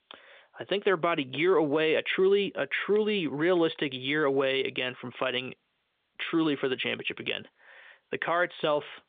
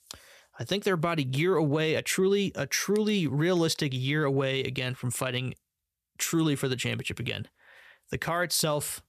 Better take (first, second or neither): second